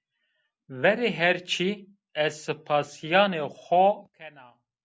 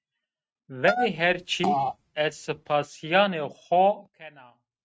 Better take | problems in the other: first | noise reduction (neural mask model RNNoise)

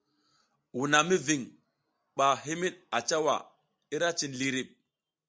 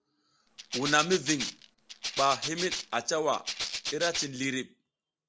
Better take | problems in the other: first | background sound (Rattle (instrument)); 5 dB below the speech

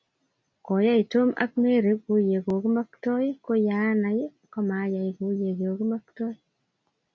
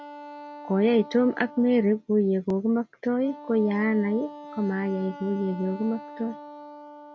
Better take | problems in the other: first | background sound (Wind instrument, woodwind instrument); 17 dB below the speech

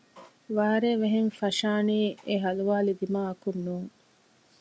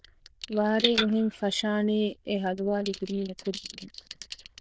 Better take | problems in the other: first | noise reduction (neural diffusion model UNIVERSE++)

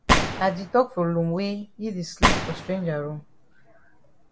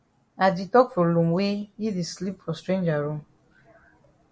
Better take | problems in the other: second | background sound (Gunshot, gunfire); as loud as the speech

